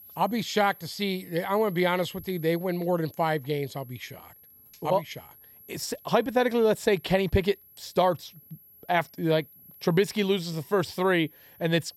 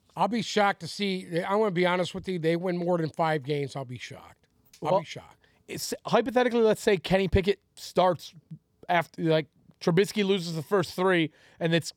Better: second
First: high-pitched whine; faint; throughout; 11.5 kHz, 25 dB below the speech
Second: none

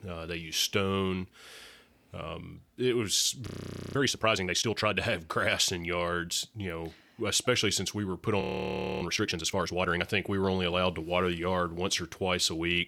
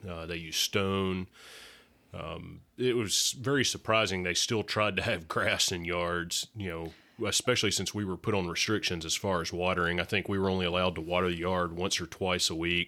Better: second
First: audio freezing; at 3.5 s and at 8.5 s for 0.5 s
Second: none

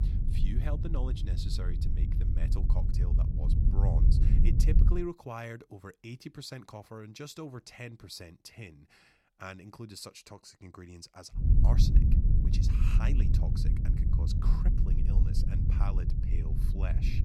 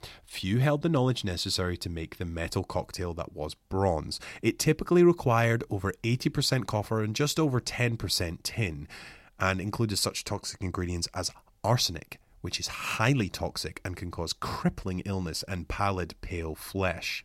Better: second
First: low rumble; loud; until 5 s and from 11 s on; as loud as the speech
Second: none

